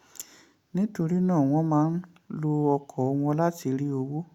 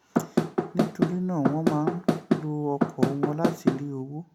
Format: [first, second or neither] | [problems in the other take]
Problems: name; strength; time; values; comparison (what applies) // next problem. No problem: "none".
first | background sound (Knock / Wood); 4 dB above the speech